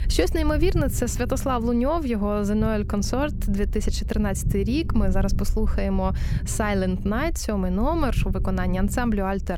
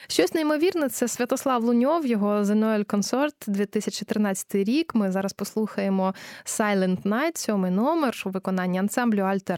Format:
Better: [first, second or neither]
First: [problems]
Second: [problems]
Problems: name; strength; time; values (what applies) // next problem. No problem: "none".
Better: second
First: low rumble; noticeable; throughout; 15 dB below the speech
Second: none